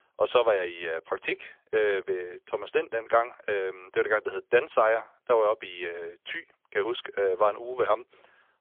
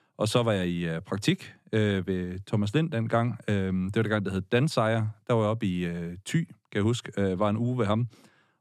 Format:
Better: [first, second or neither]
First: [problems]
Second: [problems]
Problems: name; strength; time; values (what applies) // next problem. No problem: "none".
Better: second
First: phone-call audio; poor line; nothing above 3.5 kHz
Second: none